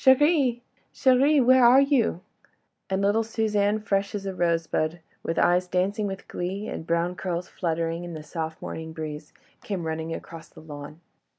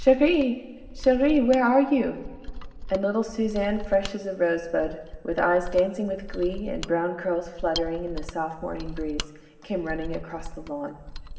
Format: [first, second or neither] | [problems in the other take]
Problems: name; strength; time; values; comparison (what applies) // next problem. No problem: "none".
first | background sound (Mechanisms); 11 dB below the speech // room echo; dies away in 2.4 s